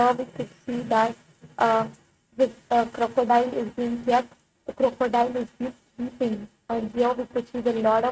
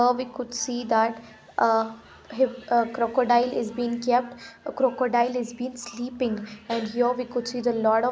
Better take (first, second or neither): second